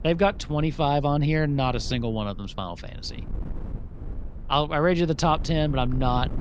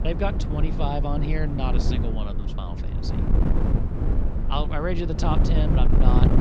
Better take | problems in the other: first | wind noise on the microphone; heavy; 4 dB below the speech; occasional gusts in the first

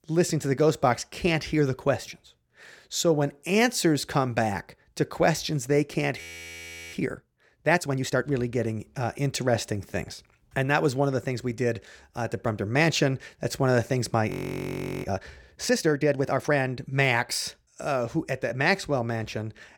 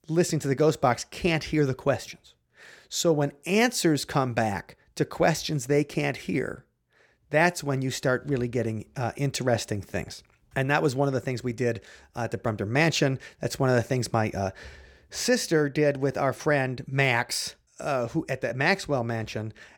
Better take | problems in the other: second | audio freezing; at 6 s for 0.5 s and at 14 s for 0.5 s

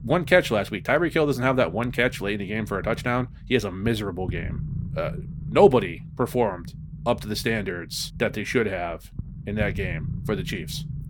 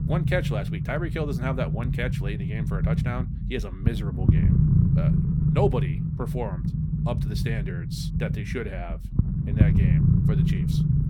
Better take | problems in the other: first | low rumble; loud; throughout; 2 dB below the speech; faint in the first

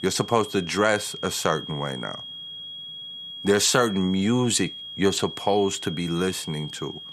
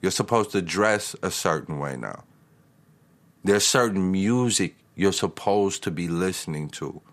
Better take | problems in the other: second | high-pitched whine; noticeable; throughout; 3.5 kHz, 10 dB below the speech

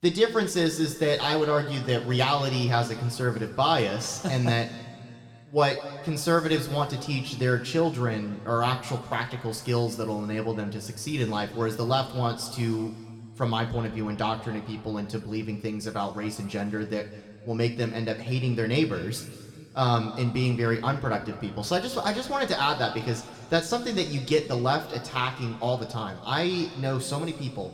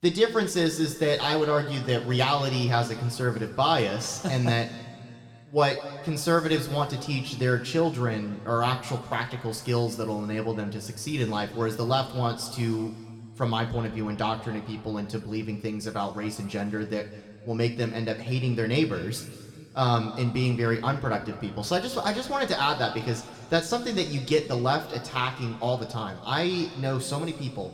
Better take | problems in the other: neither | room echo; slight; dies away in 1.7 s; the same in both

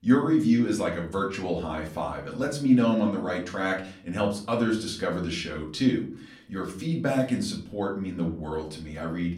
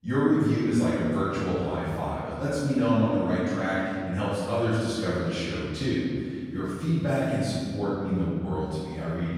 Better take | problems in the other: first | room echo; strong; dies away in 2.2 s; slight in the first // off-mic speech; far; far in the first

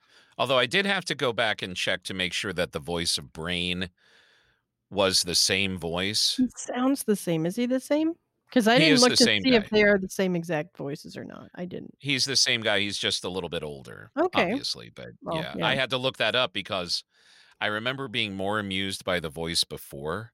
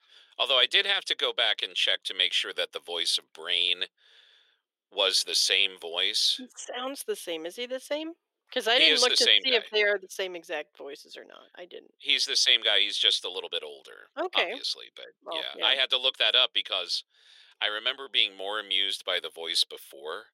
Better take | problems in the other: first | thin; very; fading below 400 Hz

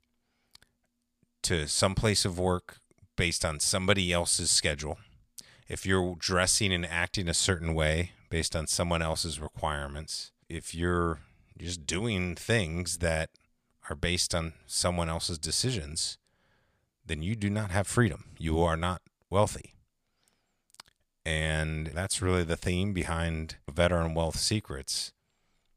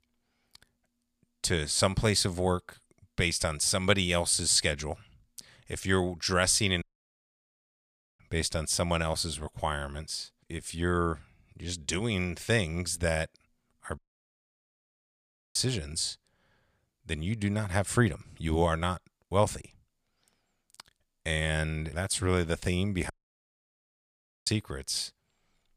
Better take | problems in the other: first | audio cutting out; at 7 s for 1.5 s, at 14 s for 1.5 s and at 23 s for 1.5 s

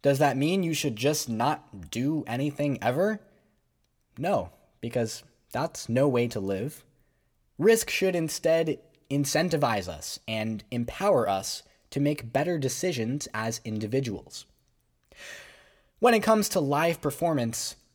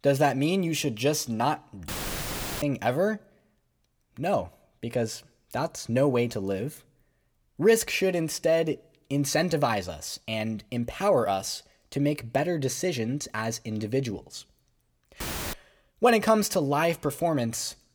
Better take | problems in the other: first | audio cutting out; filled with static; at 2 s for 0.5 s and at 15 s

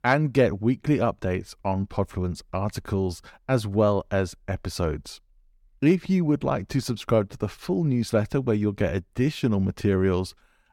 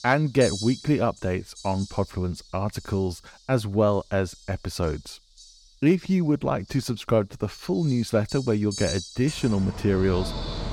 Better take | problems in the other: first | animal sounds; noticeable; throughout; 10 dB below the speech

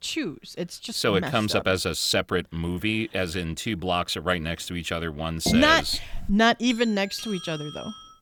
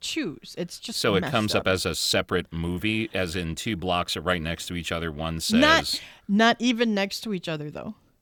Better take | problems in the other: second | clattering dishes; noticeable; at 5.5 s; peak 5 dB below the speech // doorbell; faint; from 6.5 s on; peak 15 dB below the speech

